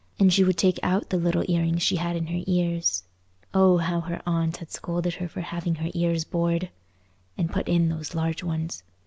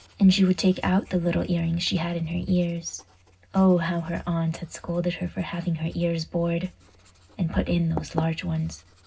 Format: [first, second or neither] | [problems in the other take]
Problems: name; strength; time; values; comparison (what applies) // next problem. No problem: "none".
first | background sound (Writing); 20 dB below the speech // room echo; dies away in 0.4 s